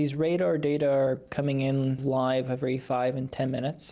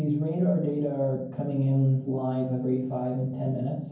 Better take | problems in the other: first | room echo; dies away in 0.9 s

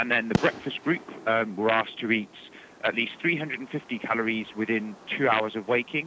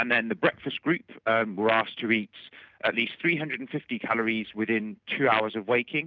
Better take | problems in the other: second | background sound (Fireworks); 12 dB below the speech

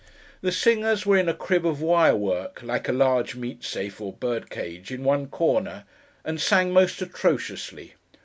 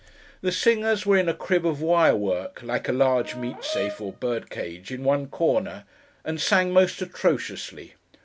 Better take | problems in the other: first | background sound (Brass instrument); 11 dB below the speech

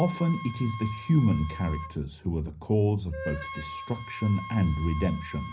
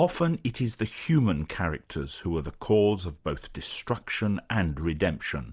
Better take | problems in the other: second | background sound (Wind instrument, woodwind instrument); 13 dB below the speech // room echo; dies away in 0.5 s

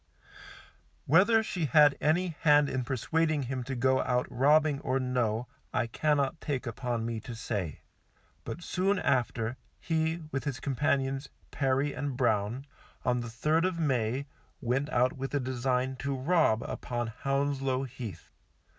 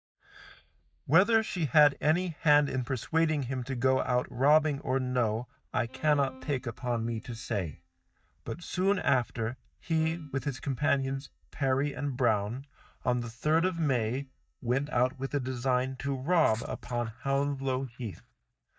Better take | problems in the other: first | noise reduction (neural mask model DeepFilterNet 3)

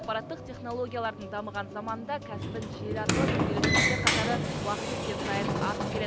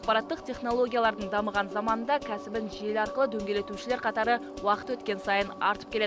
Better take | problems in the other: second | background sound (Sliding door); 5 dB above the speech

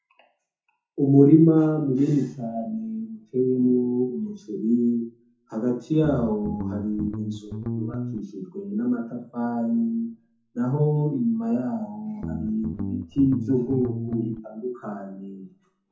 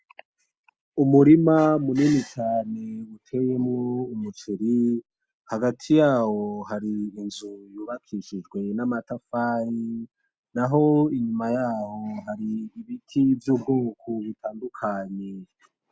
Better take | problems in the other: second | background sound (Guitar); 7 dB below the speech // room echo; dies away in 0.6 s

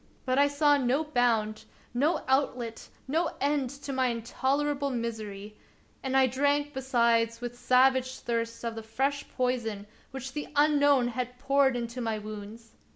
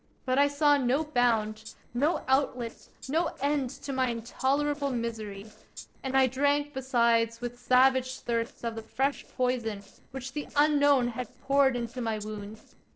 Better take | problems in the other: first | noise reduction (neural separator model SepFormer DNS4)

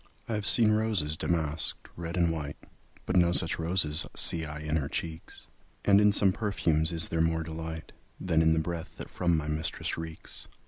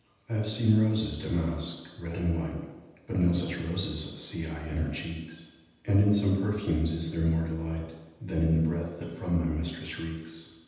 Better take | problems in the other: first | room echo; dies away in 1.1 s

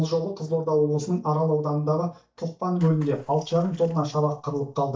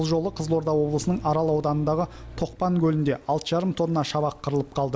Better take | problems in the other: second | noise reduction (neural mask model DeepFilterNet 3)

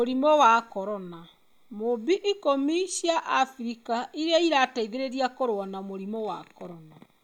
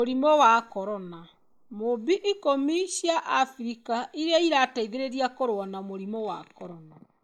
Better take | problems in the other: first | noise reduction (neural mask model Resemble Enhance denoiser)

